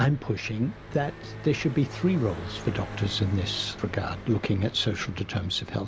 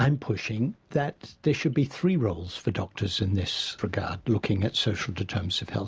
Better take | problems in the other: second | background sound (Car passing by); 12 dB below the speech

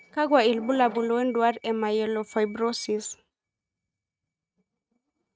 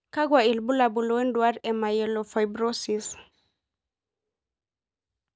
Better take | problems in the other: second | noise reduction (neural mask model RNNoise)

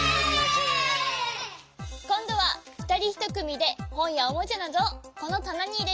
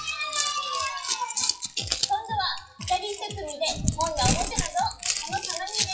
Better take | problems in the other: first | noise reduction (classical method WPE with log-MMSE)

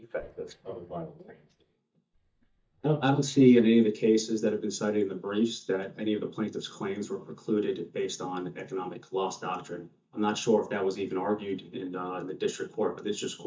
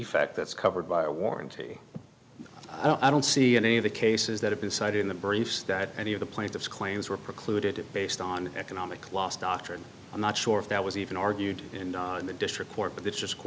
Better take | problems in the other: second | noise reduction (neural mask model DeepFilterNet 3)

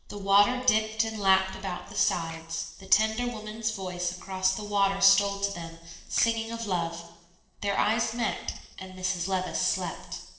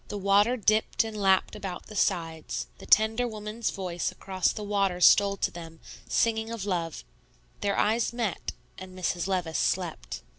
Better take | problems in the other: second | noise reduction (neural separator model SepFormer DNS4)

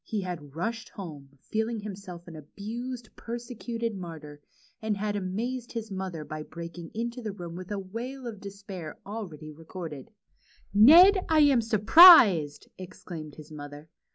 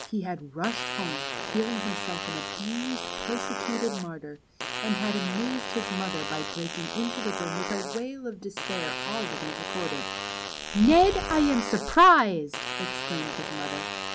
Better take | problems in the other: first | background sound (Fart); 6 dB below the speech

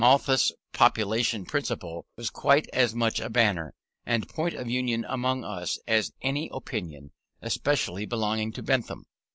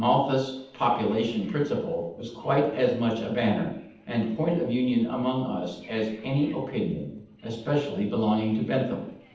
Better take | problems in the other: first | noise reduction (neural separator model SepFormer DNS4)

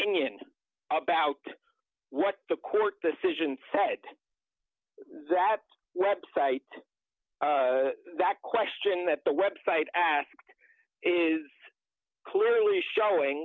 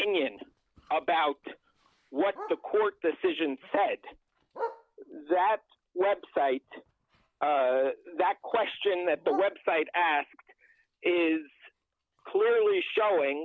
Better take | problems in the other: first | background sound (Bark); 19 dB below the speech

